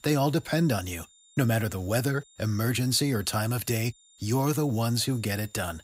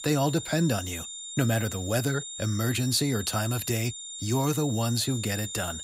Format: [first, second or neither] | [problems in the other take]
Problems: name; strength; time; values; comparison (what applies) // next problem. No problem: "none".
first | high-pitched whine; loud; throughout; 7 kHz, 8 dB below the speech; faint in the first